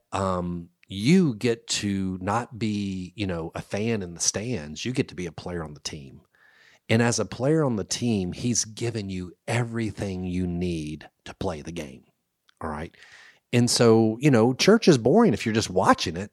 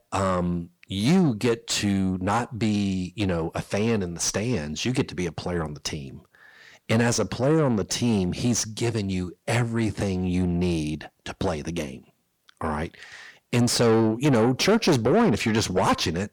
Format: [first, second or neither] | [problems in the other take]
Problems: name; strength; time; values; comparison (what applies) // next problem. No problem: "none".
first | distortion; heavy; 8 dB below the speech